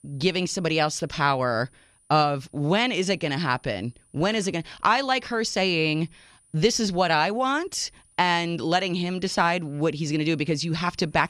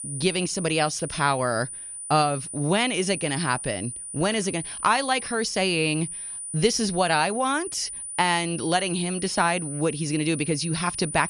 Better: first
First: high-pitched whine; faint; throughout; 9.5 kHz, 35 dB below the speech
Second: high-pitched whine; loud; throughout; 9.5 kHz, 8 dB below the speech

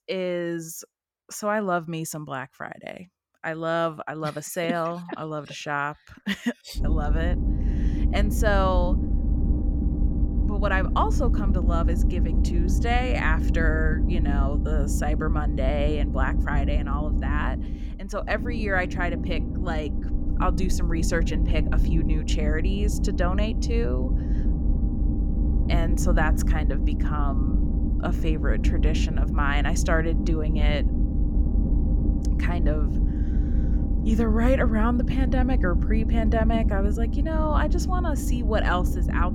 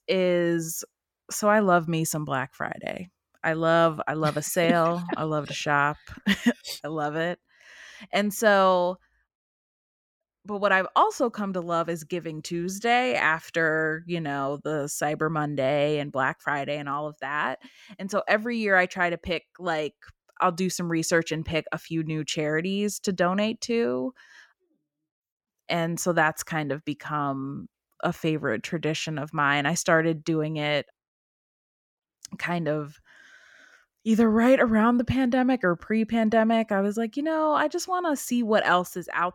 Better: second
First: low rumble; loud; from 7 s on; 8 dB below the speech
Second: none

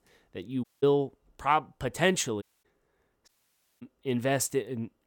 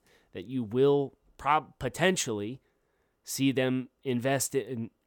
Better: second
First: audio cutting out; at 0.5 s, at 2.5 s and at 3.5 s for 0.5 s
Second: none

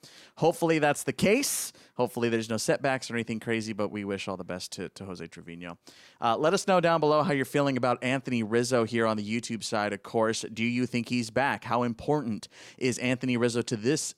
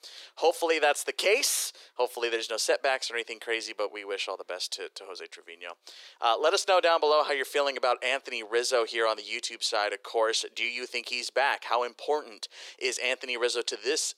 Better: first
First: none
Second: thin; very; fading below 400 Hz

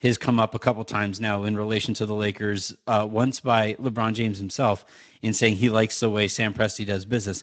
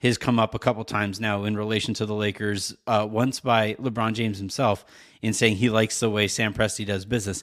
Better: second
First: garbled, watery; slightly; nothing above 7.5 kHz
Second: none

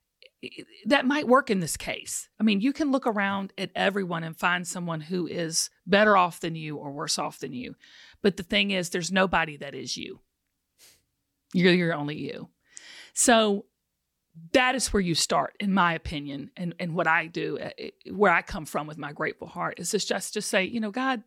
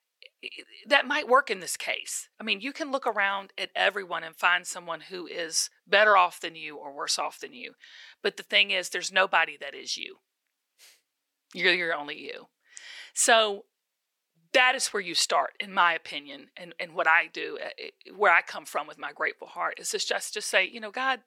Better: first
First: none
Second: thin; very; fading below 550 Hz

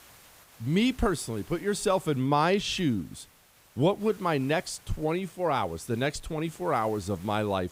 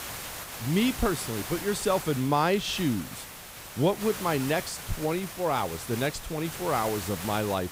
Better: first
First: hiss; faint; throughout; 25 dB below the speech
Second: hiss; loud; throughout; 9 dB below the speech

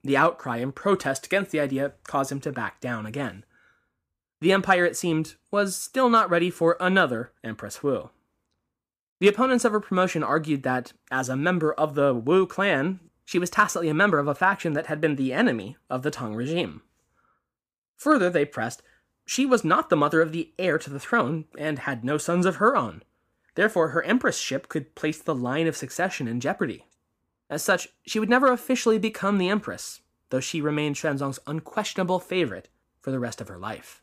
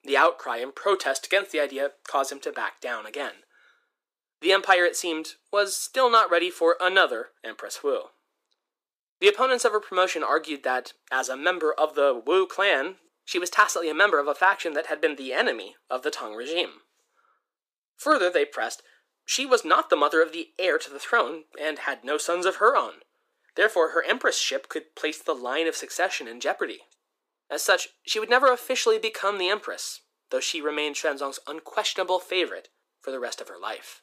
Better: first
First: none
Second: thin; very; fading below 350 Hz

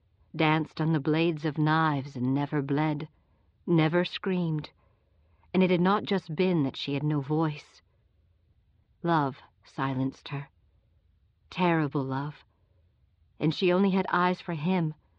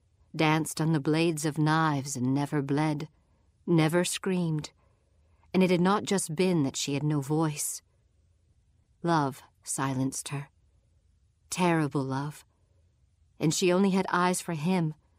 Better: second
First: muffled; slightly; fading above 4 kHz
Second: none

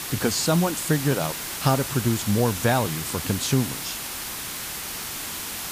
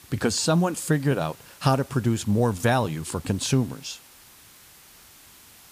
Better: second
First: hiss; loud; throughout; 5 dB below the speech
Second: hiss; faint; throughout; 25 dB below the speech

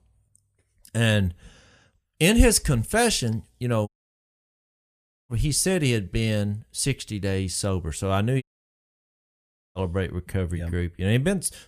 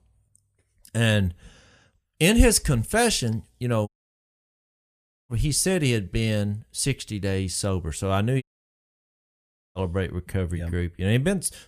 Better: neither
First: audio cutting out; at 4 s for 1.5 s and at 8.5 s for 1.5 s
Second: audio cutting out; at 4 s for 1.5 s and at 8.5 s for 1.5 s

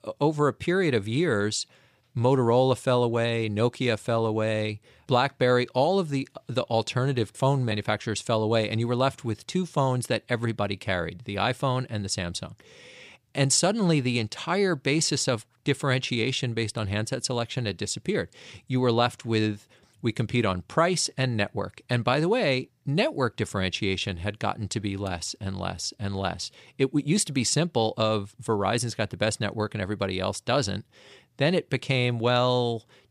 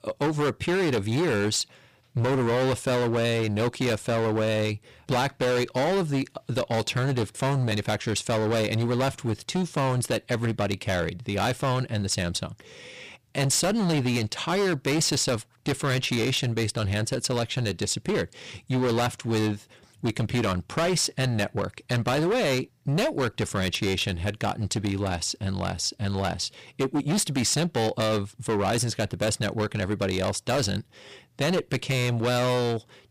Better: first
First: none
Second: distortion; heavy; 19% of the sound clipped

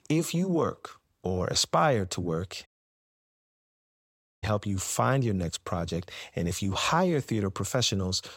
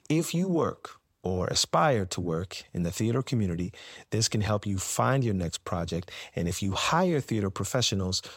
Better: second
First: audio cutting out; at 2.5 s for 2 s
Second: none

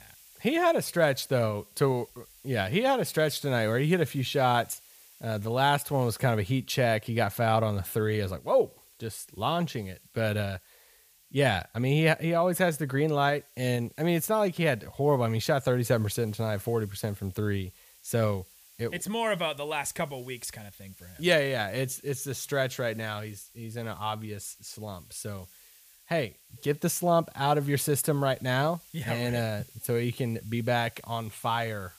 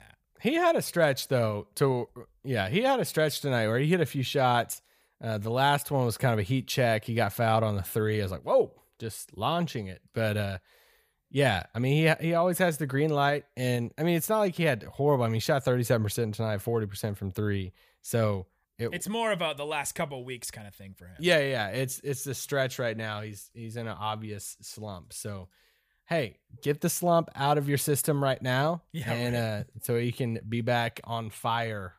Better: second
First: hiss; faint; throughout; 25 dB below the speech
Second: none

